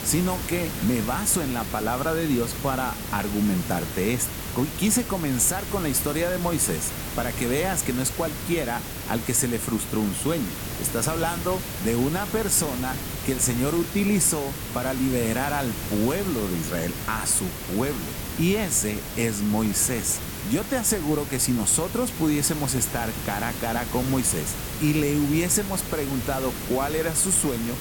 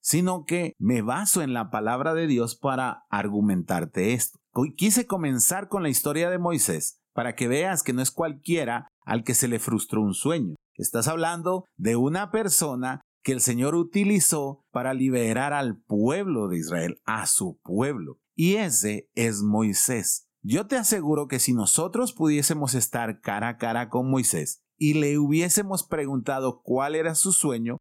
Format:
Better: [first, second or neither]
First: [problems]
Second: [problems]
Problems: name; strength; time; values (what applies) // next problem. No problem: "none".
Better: second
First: hiss; loud; throughout; 7 dB below the speech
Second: none